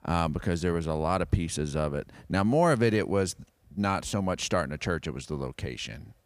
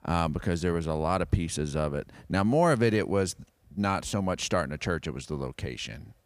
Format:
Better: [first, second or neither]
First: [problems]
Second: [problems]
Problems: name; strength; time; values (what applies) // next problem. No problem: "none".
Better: neither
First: none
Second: none